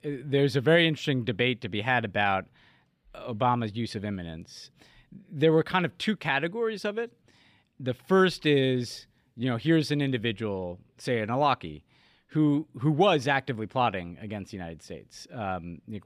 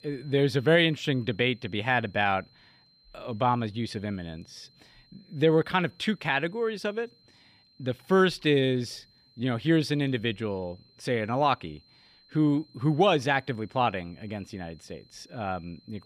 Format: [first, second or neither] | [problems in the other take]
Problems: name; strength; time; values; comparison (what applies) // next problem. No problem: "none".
first | high-pitched whine; faint; throughout; 4 kHz, 30 dB below the speech